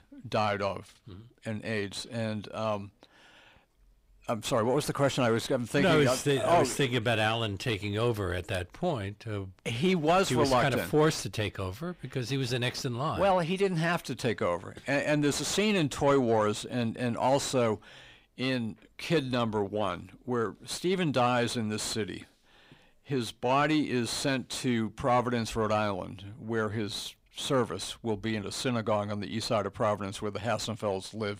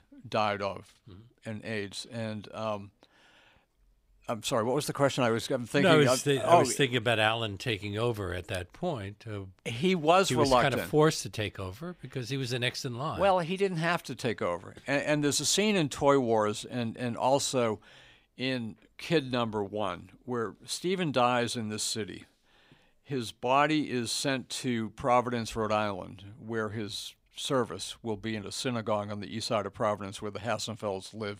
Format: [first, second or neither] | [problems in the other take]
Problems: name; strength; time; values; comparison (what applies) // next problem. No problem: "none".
second | distortion; slight; 10 dB below the speech